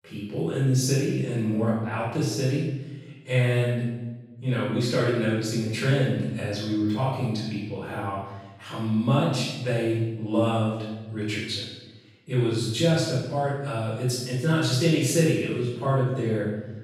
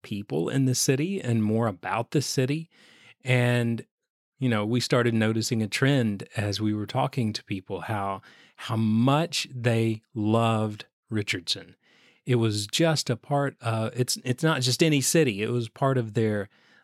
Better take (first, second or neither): second